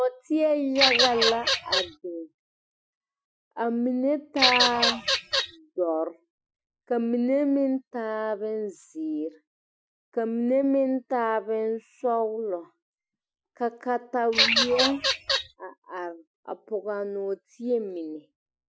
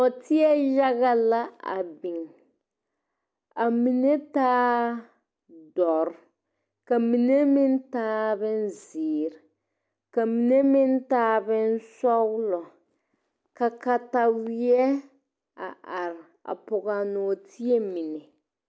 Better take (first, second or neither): second